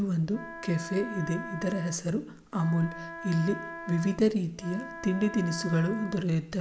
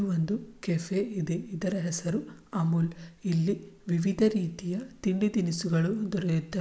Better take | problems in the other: second | background sound (Wind instrument, woodwind instrument); 12 dB below the speech

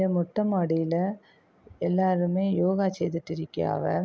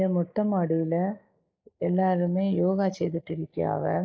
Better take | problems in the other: first | noise reduction (neural mask model Resemble Enhance denoiser)

